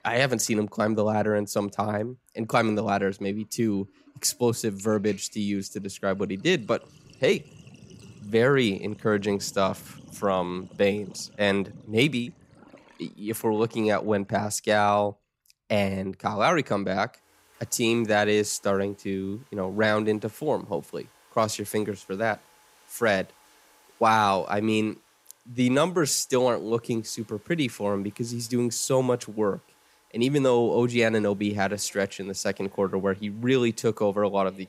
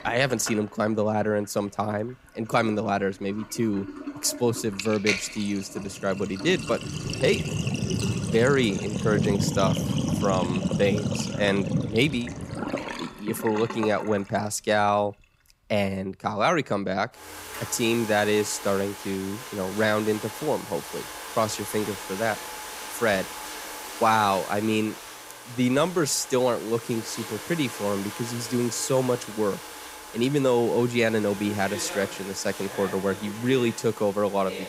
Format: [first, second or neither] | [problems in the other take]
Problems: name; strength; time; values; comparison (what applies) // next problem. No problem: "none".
first | household noises; loud; throughout; 7 dB below the speech; faint in the first